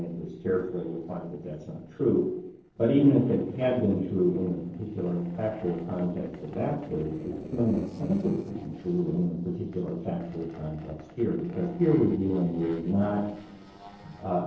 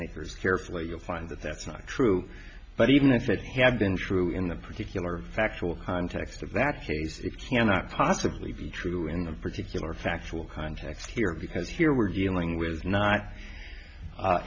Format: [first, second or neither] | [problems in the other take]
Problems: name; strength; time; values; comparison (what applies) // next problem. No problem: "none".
second | noise reduction (neural separator model SepFormer DNS4)